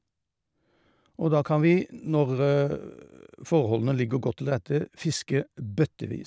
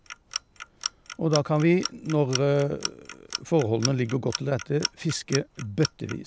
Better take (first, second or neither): first